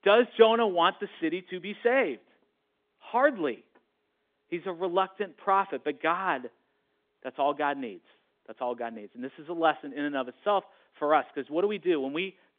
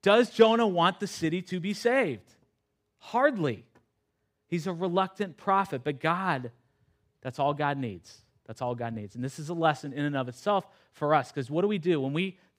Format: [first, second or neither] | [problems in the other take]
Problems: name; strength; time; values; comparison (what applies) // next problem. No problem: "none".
second | phone-call audio; nothing above 3.5 kHz